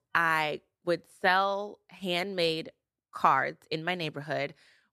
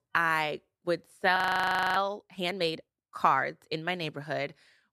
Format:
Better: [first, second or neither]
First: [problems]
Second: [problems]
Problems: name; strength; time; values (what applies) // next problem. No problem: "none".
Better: first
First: none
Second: audio freezing; at 1.5 s for 0.5 s